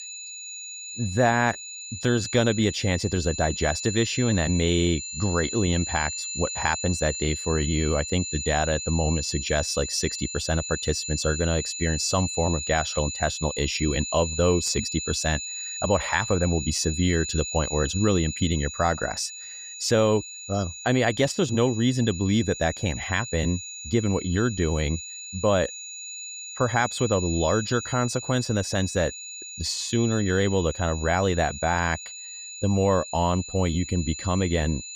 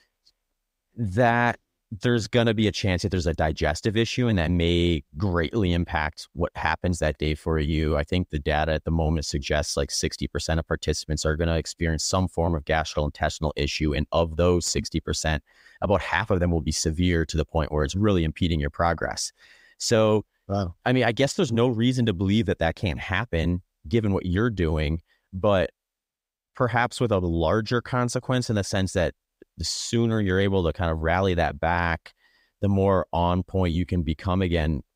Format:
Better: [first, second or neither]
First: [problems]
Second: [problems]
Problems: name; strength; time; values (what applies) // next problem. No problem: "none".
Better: second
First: high-pitched whine; loud; throughout; 7 kHz, 7 dB below the speech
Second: none